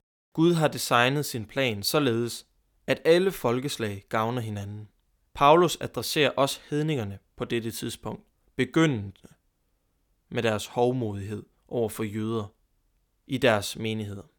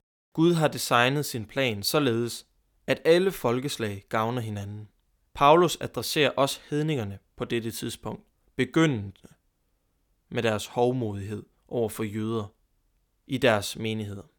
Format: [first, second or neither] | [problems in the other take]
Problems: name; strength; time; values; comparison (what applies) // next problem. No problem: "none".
neither | none